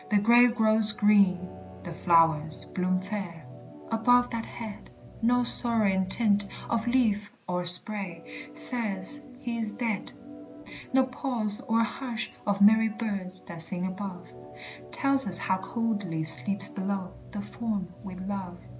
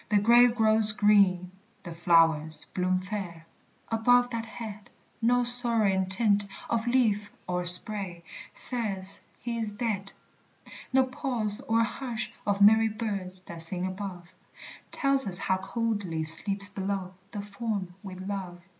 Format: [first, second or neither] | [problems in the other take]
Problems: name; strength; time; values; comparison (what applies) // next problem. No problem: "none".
second | background sound (Organ + Bowed string instrument); 17 dB below the speech